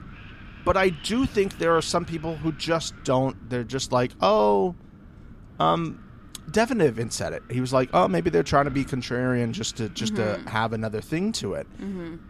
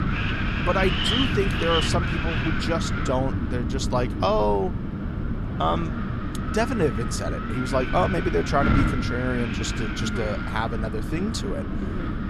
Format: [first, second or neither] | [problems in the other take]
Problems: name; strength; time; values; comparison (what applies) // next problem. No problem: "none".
first | wind noise on the microphone; heavy; 3 dB below the speech; occasional gusts in the first